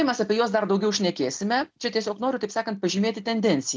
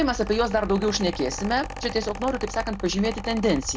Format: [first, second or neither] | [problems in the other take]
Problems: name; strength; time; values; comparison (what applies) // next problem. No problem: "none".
first | background sound (Mechanical fan); 10 dB below the speech